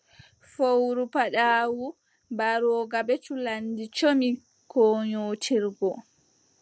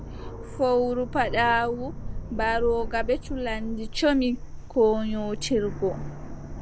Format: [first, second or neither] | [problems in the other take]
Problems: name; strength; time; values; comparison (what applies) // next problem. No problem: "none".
first | background sound (Aircraft); 7 dB below the speech